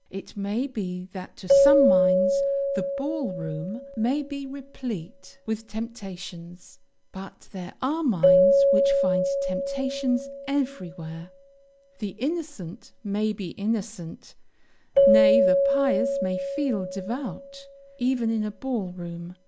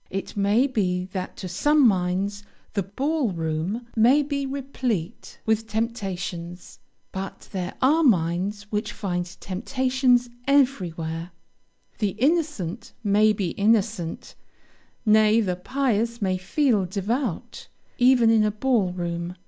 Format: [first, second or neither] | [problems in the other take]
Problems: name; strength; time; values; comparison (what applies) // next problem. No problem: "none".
second | background sound (Keyboard (musical)); 3 dB above the speech